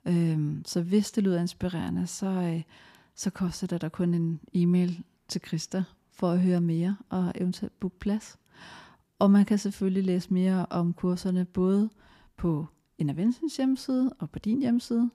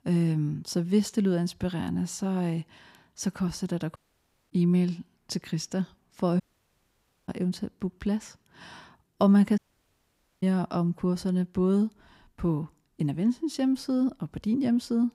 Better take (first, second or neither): first